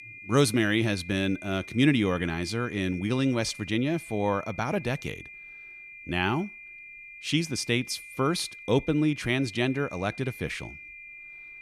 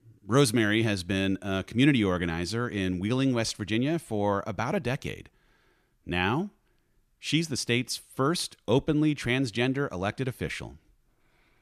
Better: second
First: high-pitched whine; noticeable; throughout; 2.5 kHz, 15 dB below the speech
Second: none

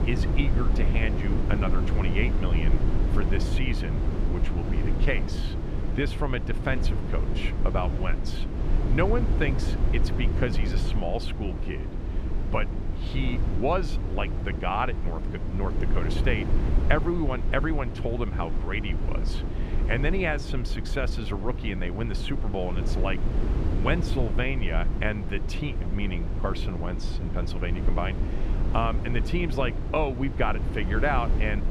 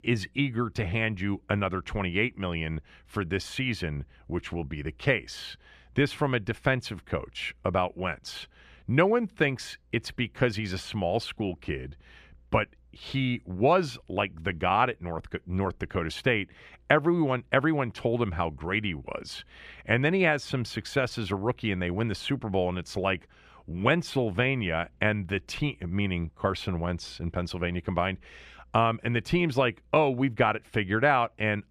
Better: second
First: low rumble; loud; throughout; 7 dB below the speech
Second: none

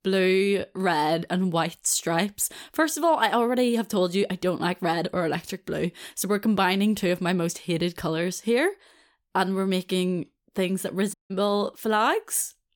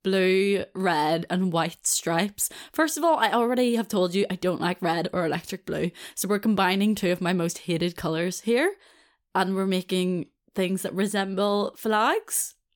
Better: second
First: audio cutting out; at 11 s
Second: none

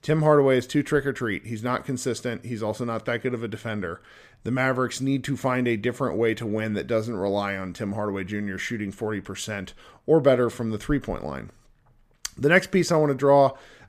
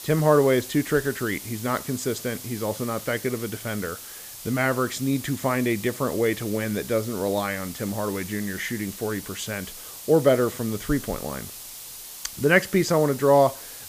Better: first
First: none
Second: hiss; noticeable; throughout; 10 dB below the speech

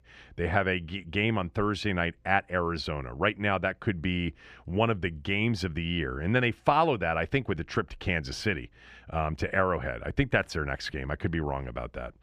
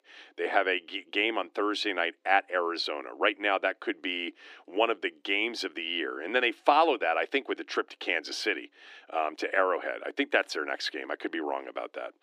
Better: first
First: none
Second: thin; somewhat; fading below 300 Hz

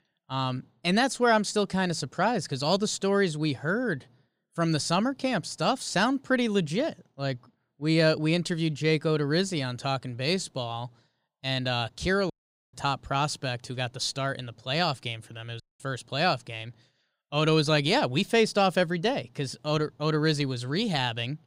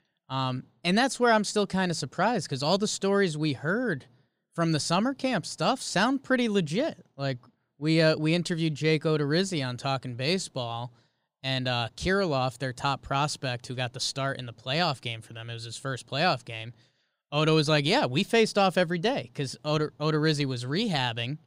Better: second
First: audio cutting out; at 12 s and at 16 s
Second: none

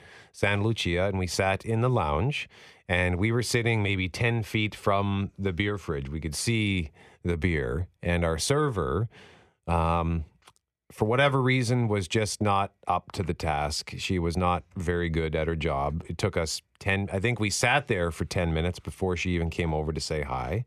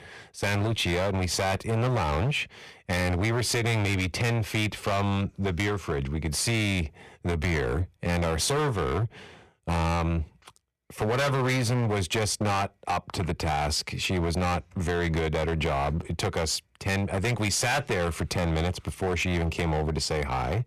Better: first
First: none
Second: distortion; heavy; 22% of the sound clipped

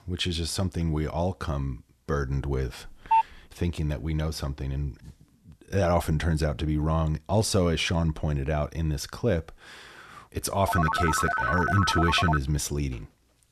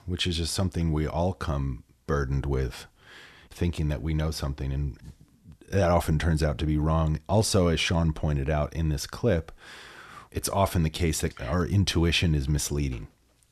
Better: second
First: phone ringing; loud; at 3 s and from 11 to 12 s; peak 3 dB above the speech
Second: none

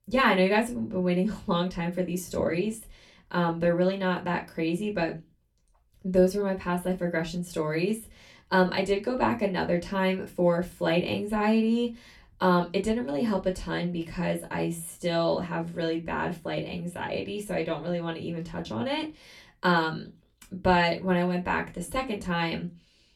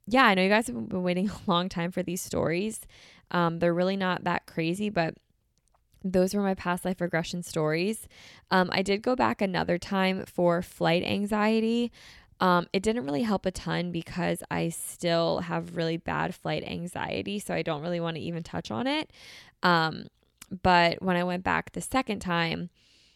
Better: second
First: off-mic speech; somewhat distant // room echo; very slight; dies away in 0.2 s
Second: none

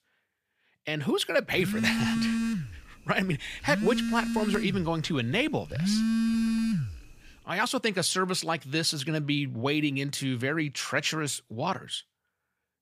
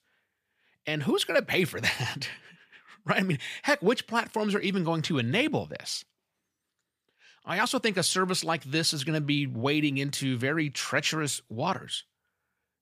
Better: second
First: phone ringing; loud; from 1.5 to 7 s; peak 3 dB above the speech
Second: none

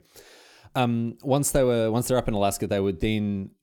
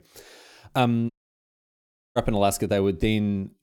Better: first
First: none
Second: audio cutting out; at 1 s for 1 s

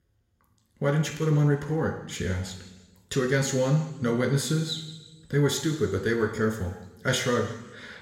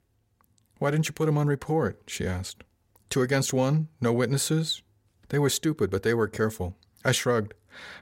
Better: second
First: room echo; slight; dies away in 1.1 s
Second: none

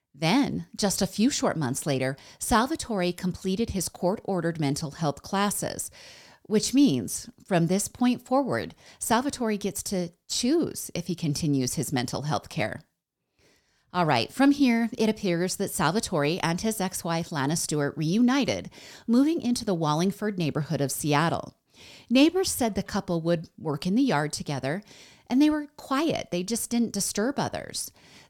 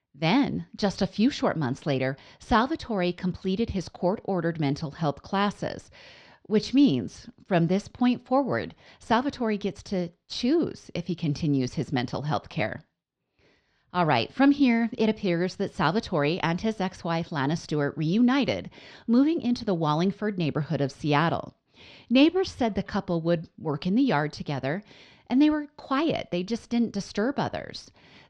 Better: first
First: none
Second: muffled; slightly; fading above 4.5 kHz

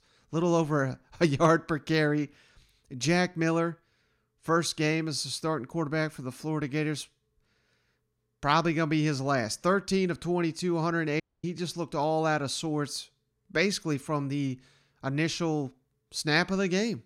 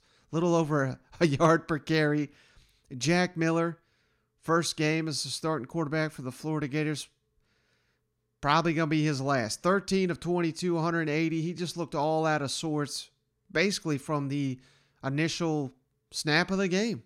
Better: second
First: audio cutting out; at 11 s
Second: none

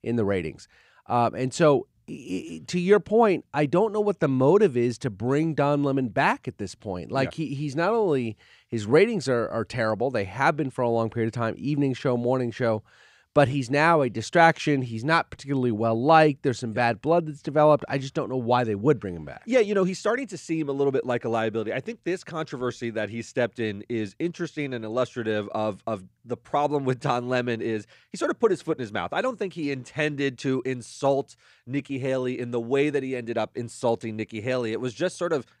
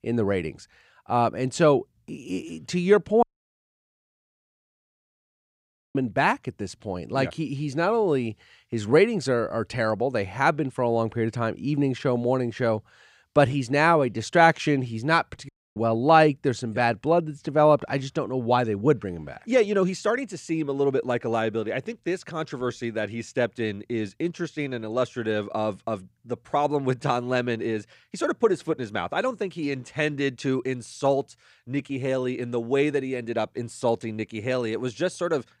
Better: first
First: none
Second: audio cutting out; at 3 s for 2.5 s and at 15 s

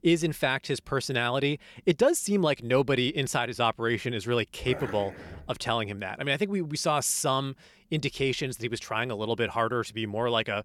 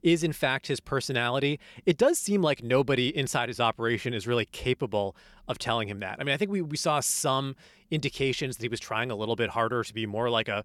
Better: second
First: dog barking; faint; at 4.5 s; peak 10 dB below the speech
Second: none

